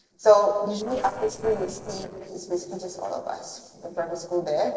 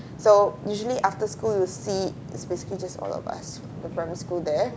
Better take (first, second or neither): second